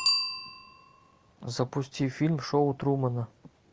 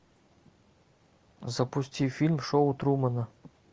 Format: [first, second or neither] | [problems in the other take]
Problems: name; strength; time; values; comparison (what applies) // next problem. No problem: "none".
second | background sound (Bicycle bell); 6 dB below the speech